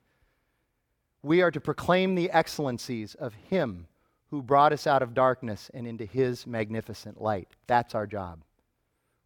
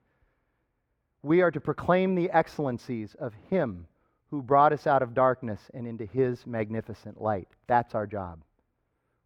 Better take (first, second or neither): first